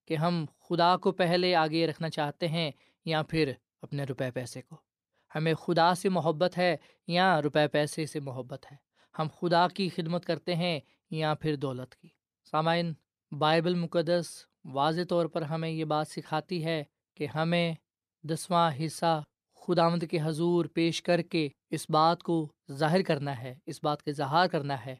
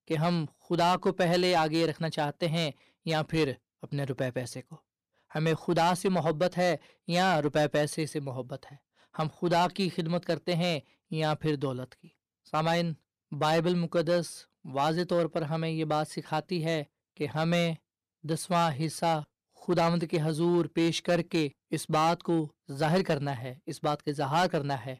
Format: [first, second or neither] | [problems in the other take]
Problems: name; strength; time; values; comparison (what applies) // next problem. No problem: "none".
first | distortion; slight; 4% of the sound clipped